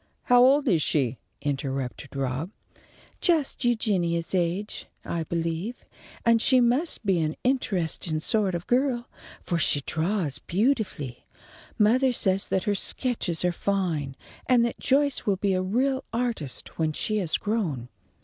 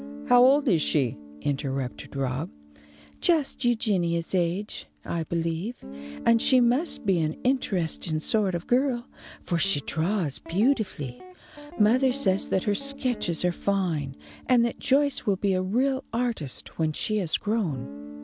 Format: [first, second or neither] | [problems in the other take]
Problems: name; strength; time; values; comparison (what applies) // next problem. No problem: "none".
first | background sound (Guitar + Guitar); 17 dB below the speech